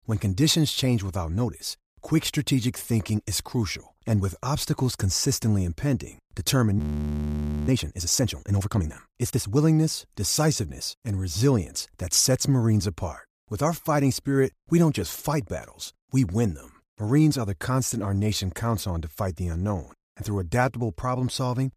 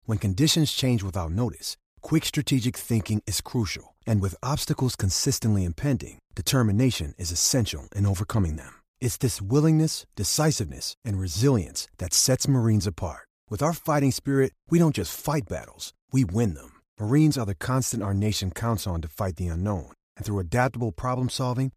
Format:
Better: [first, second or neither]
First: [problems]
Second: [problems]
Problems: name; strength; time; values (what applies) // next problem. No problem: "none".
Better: second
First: audio freezing; at 7 s for 1 s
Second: none